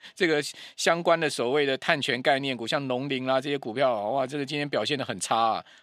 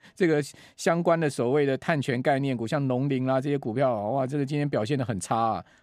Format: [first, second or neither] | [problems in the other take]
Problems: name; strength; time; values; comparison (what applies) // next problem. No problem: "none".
second | thin; very slightly; fading below 550 Hz